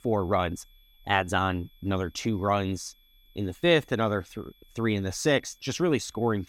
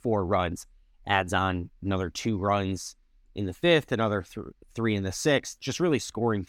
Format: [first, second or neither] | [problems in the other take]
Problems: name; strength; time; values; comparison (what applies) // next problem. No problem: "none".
second | high-pitched whine; faint; throughout; 3.5 kHz, 35 dB below the speech